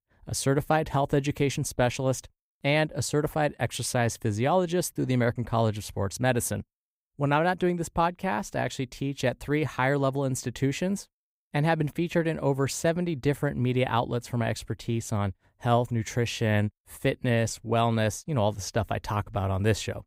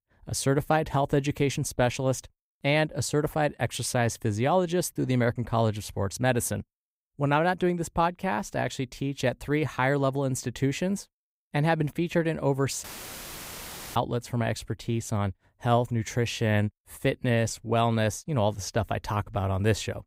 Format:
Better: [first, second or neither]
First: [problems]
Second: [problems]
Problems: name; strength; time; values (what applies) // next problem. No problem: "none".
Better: first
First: none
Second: audio cutting out; filled with static; at 13 s for 1 s